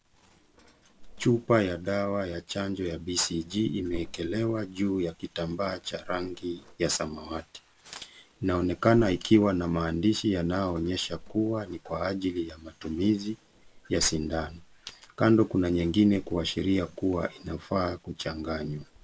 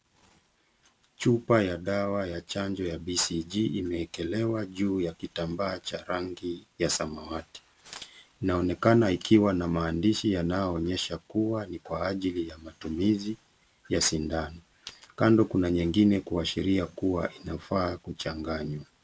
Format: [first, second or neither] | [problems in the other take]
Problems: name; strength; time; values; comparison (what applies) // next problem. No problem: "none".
second | background sound (Drawer open or close); 20 dB below the speech